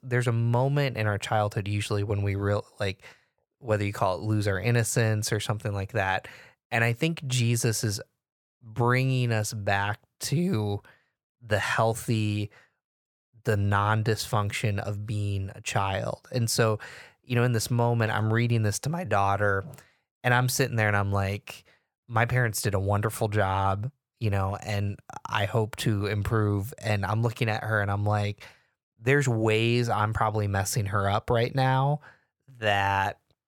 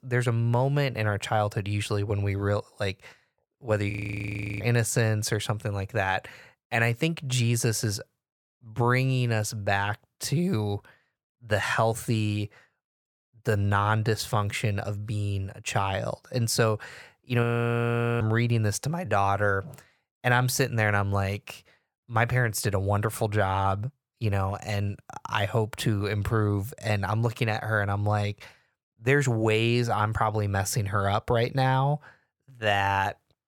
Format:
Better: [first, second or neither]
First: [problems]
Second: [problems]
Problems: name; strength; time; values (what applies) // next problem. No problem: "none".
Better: first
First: none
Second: audio freezing; at 4 s for 0.5 s and at 17 s for 1 s